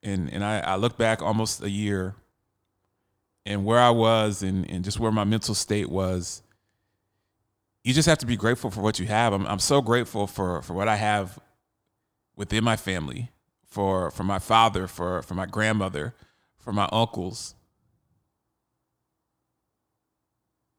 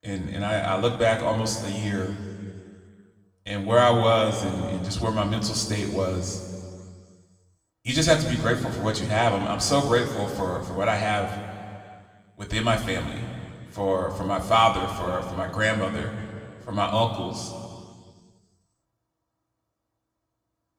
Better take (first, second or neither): first